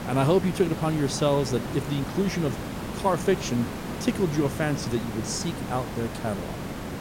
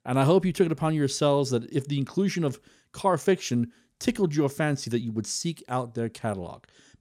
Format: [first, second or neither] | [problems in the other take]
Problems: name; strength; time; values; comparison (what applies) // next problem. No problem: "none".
second | hiss; loud; throughout; 7 dB below the speech